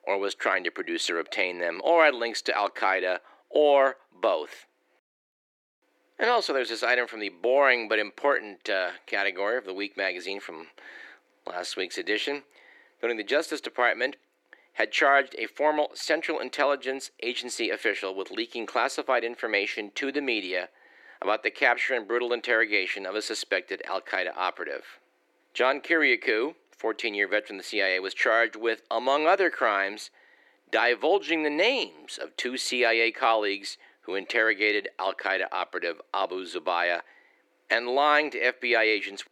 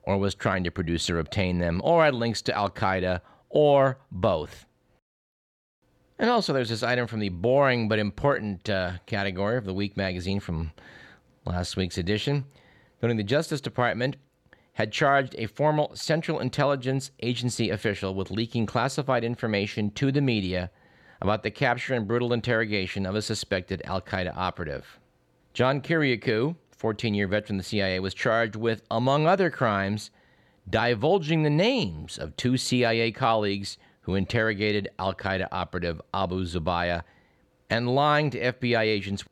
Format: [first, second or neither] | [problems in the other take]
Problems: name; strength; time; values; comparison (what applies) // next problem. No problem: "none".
second | thin; very; fading below 300 Hz